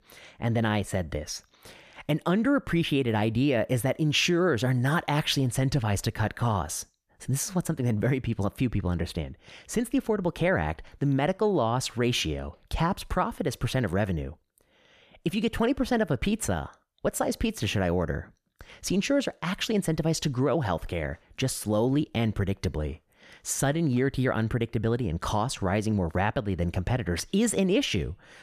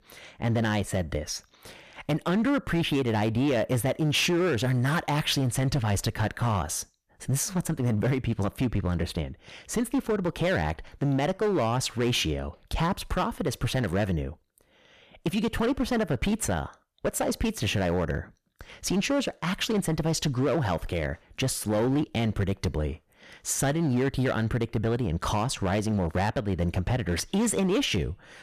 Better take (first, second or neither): first